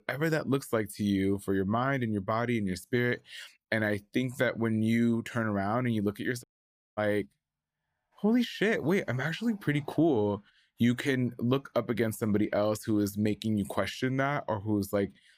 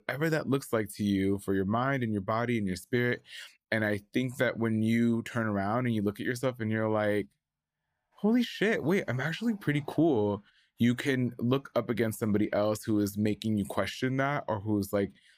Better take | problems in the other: second | audio cutting out; at 6.5 s for 0.5 s

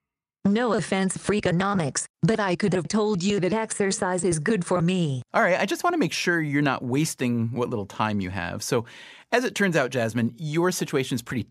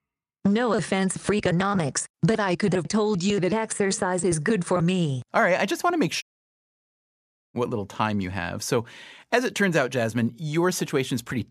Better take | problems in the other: first | audio cutting out; at 6 s for 1.5 s

